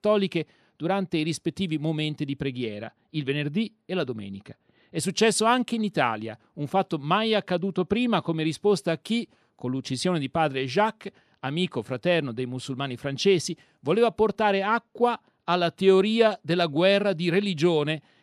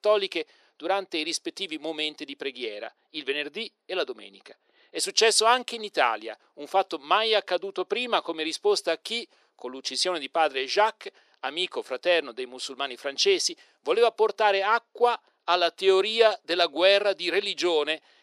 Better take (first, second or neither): first